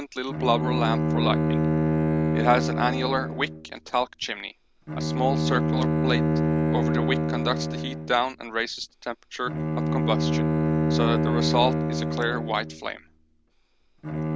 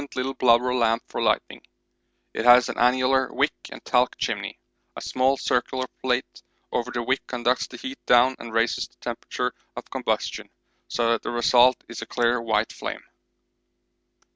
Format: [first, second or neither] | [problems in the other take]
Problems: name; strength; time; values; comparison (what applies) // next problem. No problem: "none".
second | background sound (Bowed string instrument); 4 dB above the speech